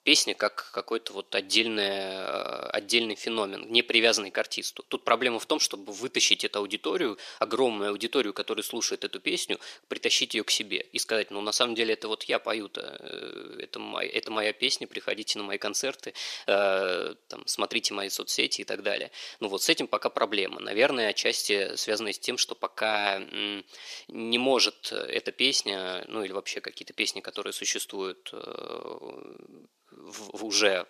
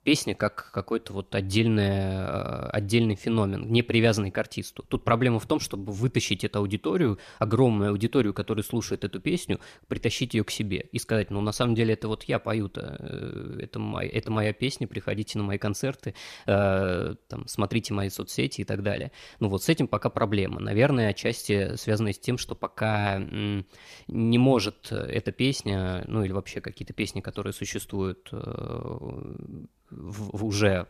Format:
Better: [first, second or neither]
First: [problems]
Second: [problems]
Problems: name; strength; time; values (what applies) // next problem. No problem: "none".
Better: second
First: thin; somewhat; fading below 350 Hz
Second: none